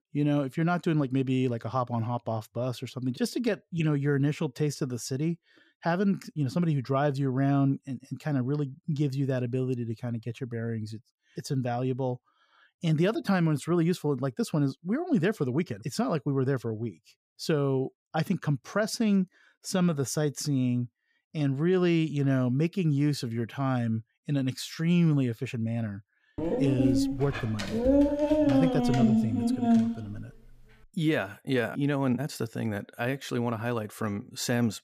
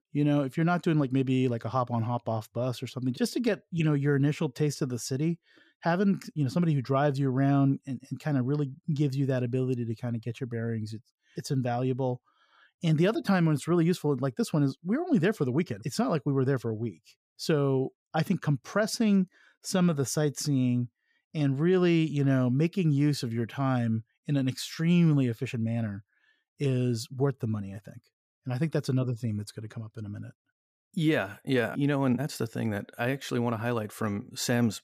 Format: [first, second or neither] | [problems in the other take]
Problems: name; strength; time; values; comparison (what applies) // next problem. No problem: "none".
second | dog barking; loud; from 26 to 30 s; peak 6 dB above the speech